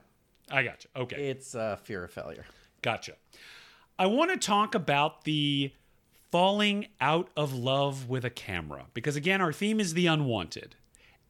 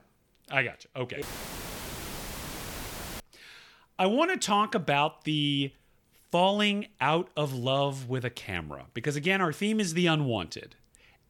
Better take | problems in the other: first | audio cutting out; filled with static; at 1 s for 2 s

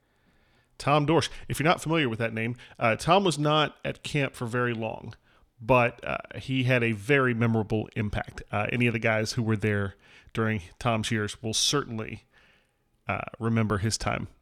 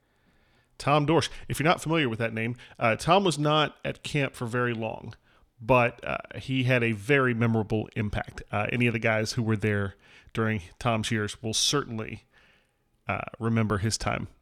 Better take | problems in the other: neither | none

